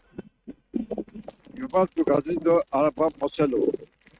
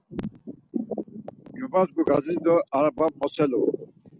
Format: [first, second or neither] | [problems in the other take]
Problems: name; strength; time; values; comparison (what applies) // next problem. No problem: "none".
second | noise reduction (neural mask model RNNoise)